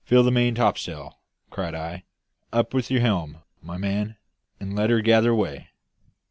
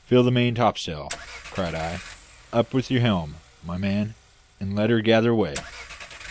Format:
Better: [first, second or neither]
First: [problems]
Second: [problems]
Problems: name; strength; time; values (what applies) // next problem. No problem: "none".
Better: first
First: none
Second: background sound (Engine / Car); 19 dB below the speech